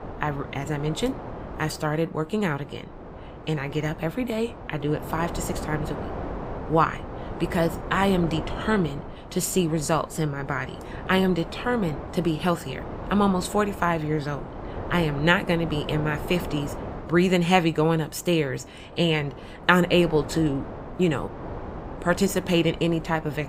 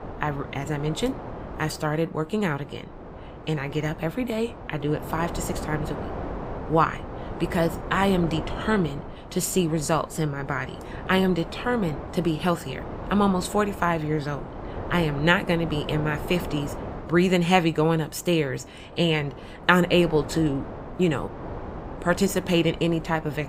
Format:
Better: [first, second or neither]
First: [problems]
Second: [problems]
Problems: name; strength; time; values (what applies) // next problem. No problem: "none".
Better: neither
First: wind noise on the microphone; occasional gusts; 10 dB below the speech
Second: wind noise on the microphone; occasional gusts; 10 dB below the speech